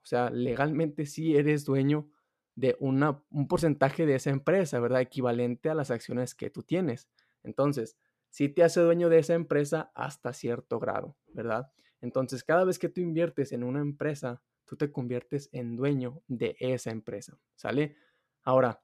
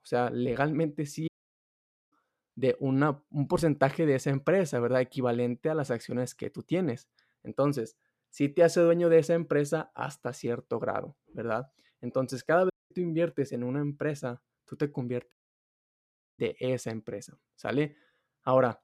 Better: first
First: none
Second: audio cutting out; at 1.5 s for 1 s, at 13 s and at 15 s for 1 s

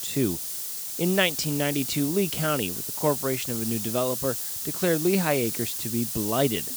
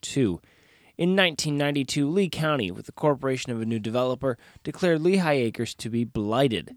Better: second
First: hiss; loud; throughout; 3 dB below the speech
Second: none

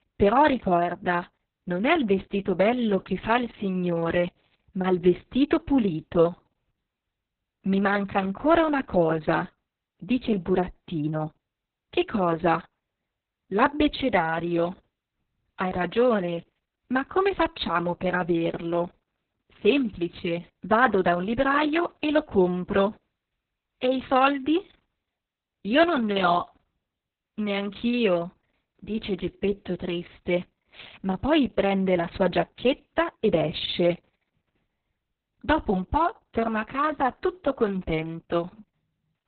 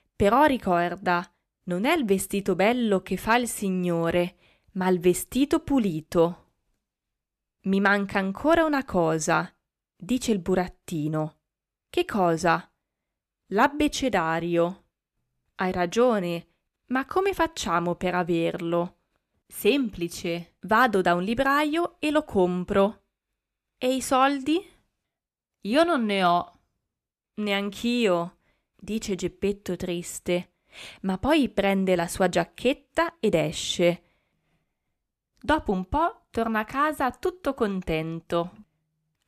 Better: second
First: garbled, watery; badly; nothing above 4 kHz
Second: none

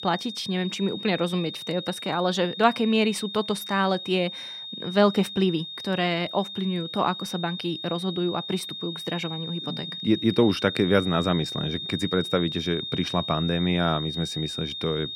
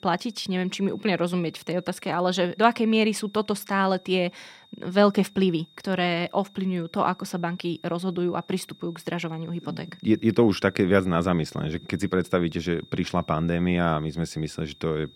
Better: second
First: high-pitched whine; loud; throughout; 3.5 kHz, 7 dB below the speech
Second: high-pitched whine; faint; throughout; 3.5 kHz, 25 dB below the speech

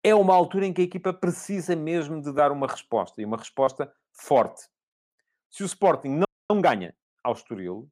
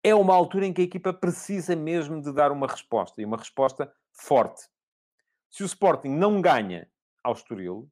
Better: second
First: audio freezing; at 6.5 s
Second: none

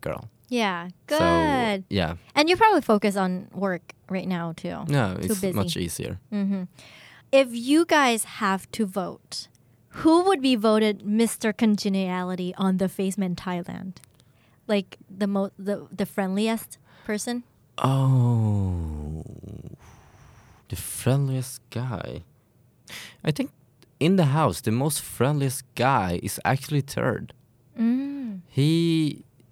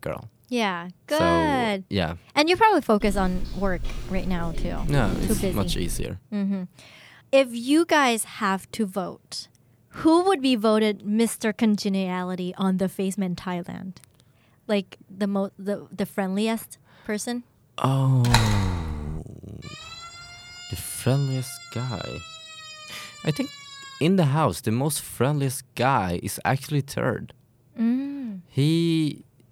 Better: first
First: none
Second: footsteps; noticeable; from 3 to 6 s; peak 5 dB below the speech // door banging; loud; at 18 s; peak 1 dB above the speech // siren; faint; from 20 to 24 s; peak 15 dB below the speech

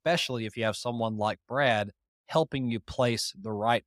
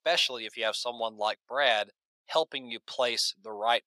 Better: first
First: none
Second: thin; very; fading below 600 Hz

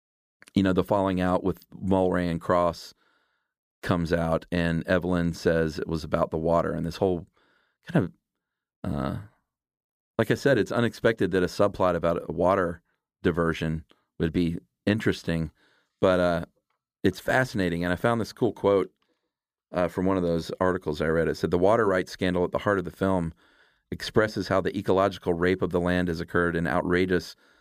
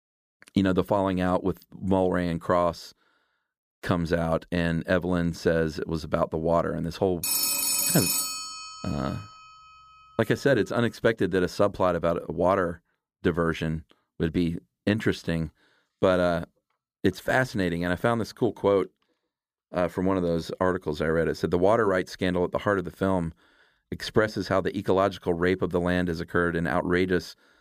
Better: first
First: none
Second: phone ringing; loud; from 7 to 8.5 s; peak 4 dB above the speech

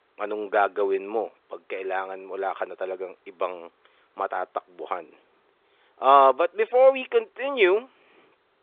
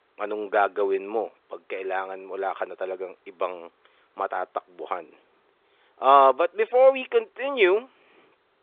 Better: neither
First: phone-call audio; nothing above 3.5 kHz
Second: phone-call audio; nothing above 3.5 kHz

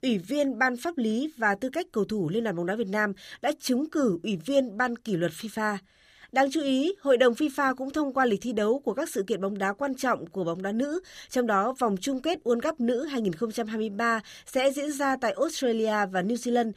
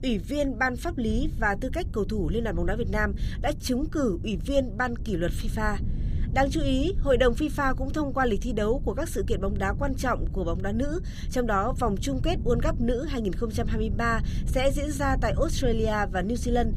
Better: first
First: none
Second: low rumble; noticeable; throughout; 20 dB below the speech

